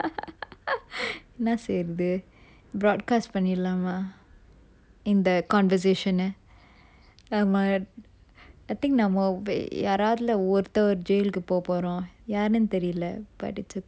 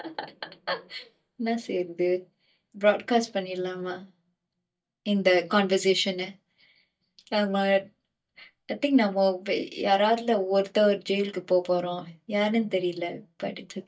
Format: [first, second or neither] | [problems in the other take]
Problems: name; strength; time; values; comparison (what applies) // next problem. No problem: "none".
first | noise reduction (neural mask model DeepFilterNet 3)